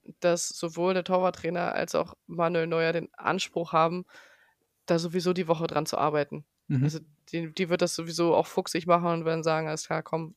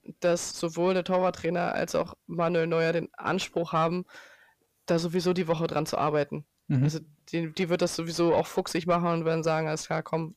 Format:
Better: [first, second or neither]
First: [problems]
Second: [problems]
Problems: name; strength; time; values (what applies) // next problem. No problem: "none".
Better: first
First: none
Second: distortion; slight; 10 dB below the speech